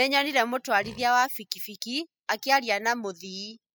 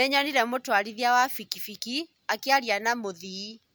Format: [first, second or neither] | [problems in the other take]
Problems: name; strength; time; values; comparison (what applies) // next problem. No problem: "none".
second | noise reduction (classical method spectral subtraction)